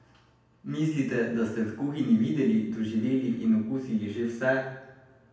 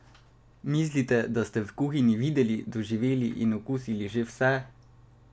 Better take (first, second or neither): second